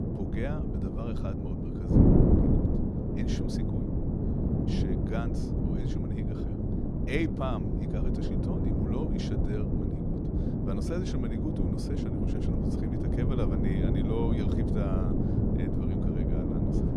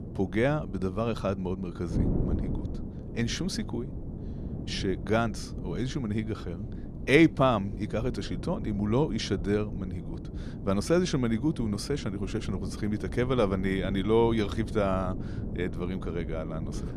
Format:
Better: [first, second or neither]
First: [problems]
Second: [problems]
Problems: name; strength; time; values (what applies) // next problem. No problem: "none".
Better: second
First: wind noise on the microphone; heavy; 4 dB above the speech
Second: wind noise on the microphone; occasional gusts; 15 dB below the speech